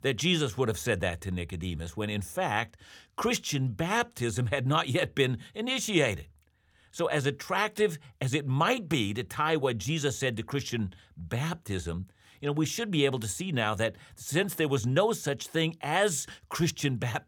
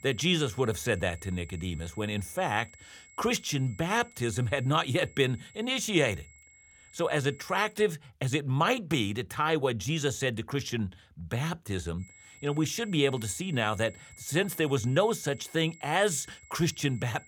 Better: first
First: none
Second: high-pitched whine; faint; until 7.5 s and from 12 s on; 2 kHz, 25 dB below the speech

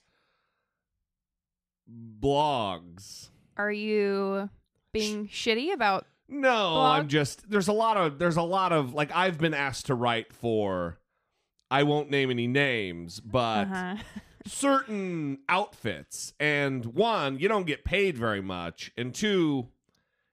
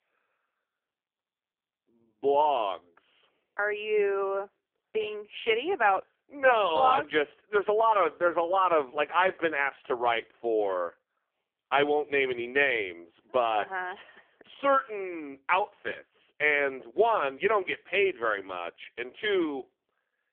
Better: first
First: none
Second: phone-call audio; poor line; nothing above 3.5 kHz

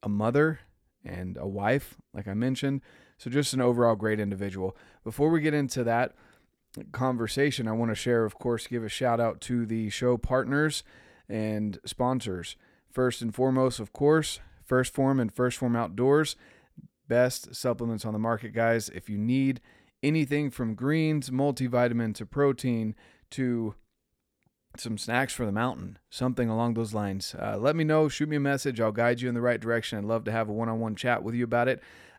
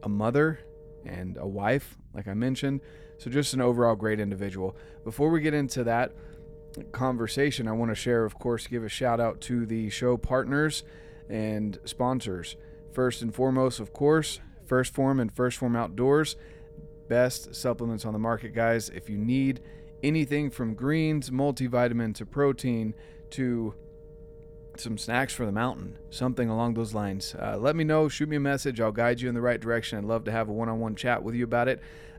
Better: first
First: none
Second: low rumble; faint; throughout; 25 dB below the speech

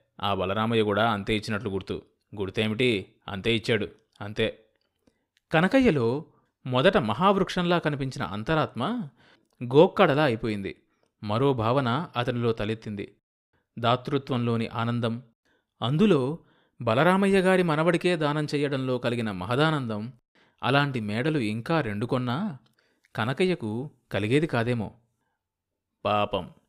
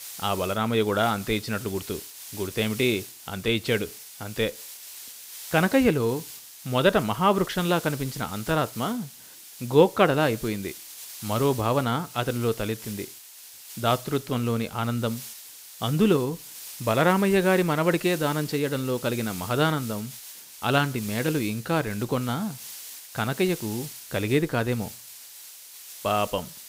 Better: first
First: none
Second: hiss; noticeable; throughout; 15 dB below the speech

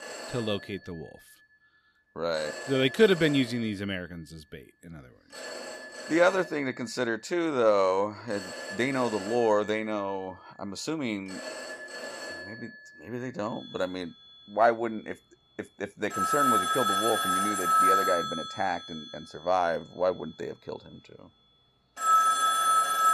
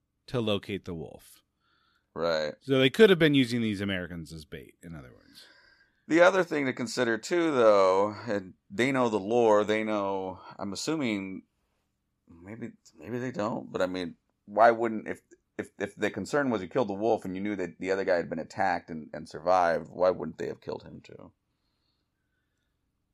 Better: second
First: alarms or sirens; very loud; throughout; 1 dB above the speech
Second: none

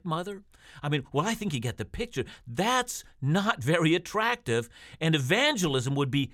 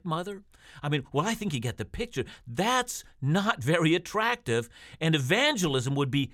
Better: neither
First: none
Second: none

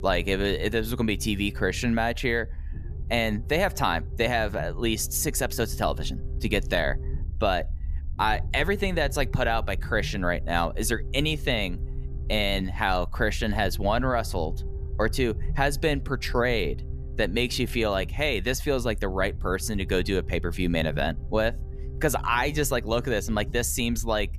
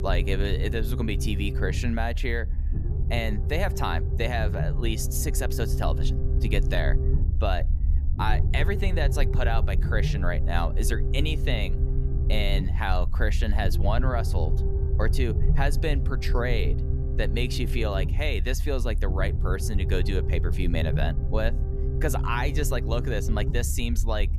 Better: first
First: low rumble; faint; throughout; 25 dB below the speech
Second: low rumble; loud; throughout; 10 dB below the speech

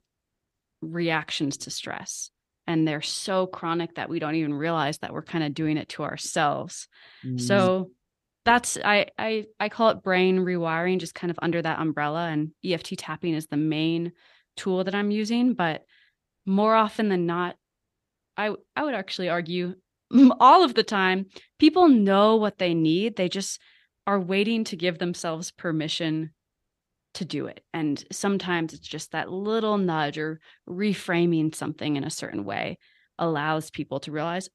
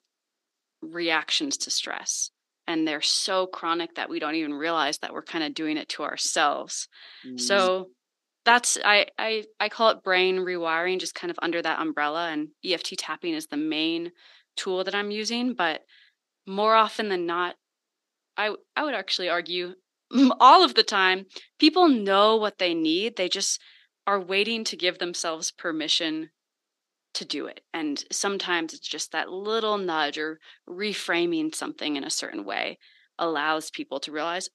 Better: first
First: none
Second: thin; very slightly; fading below 250 Hz

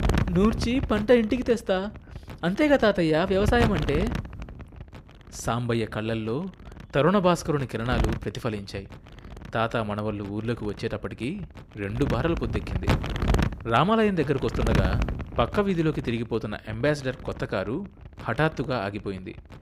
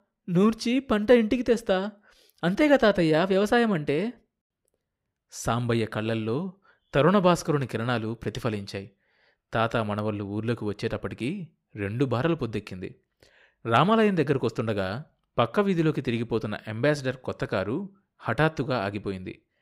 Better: second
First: wind noise on the microphone; heavy; 9 dB below the speech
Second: none

